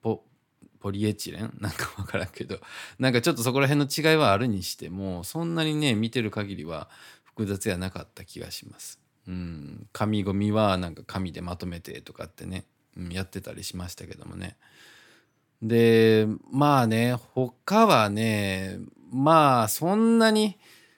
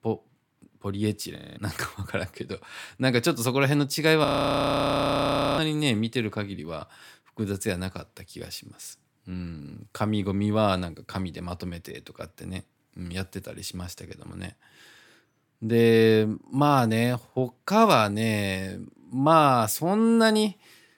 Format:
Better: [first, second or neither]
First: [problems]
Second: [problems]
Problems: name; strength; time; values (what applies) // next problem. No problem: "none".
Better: first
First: none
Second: audio freezing; at 1.5 s and at 4.5 s for 1.5 s